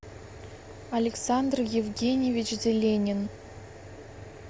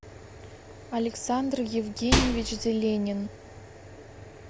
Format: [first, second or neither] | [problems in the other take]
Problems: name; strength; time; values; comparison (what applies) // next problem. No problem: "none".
first | background sound (Microwave oven); 5 dB above the speech